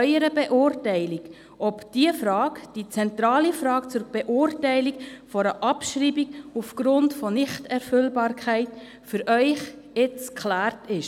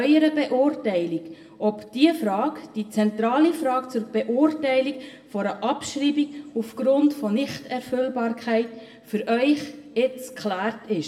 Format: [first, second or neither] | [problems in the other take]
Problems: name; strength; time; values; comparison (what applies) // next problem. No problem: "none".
first | room echo; dies away in 0.6 s